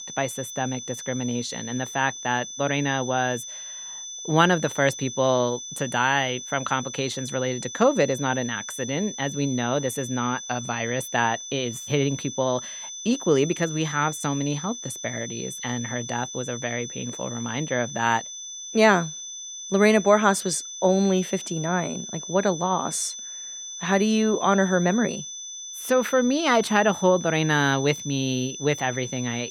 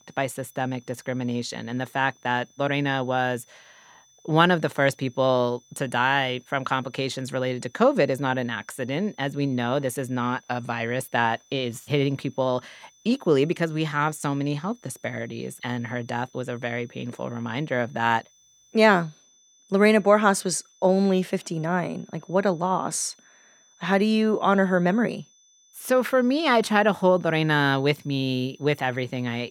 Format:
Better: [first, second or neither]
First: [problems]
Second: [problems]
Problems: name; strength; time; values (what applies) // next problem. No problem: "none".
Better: second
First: high-pitched whine; loud; throughout; 6 kHz, 9 dB below the speech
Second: high-pitched whine; faint; throughout; 6 kHz, 30 dB below the speech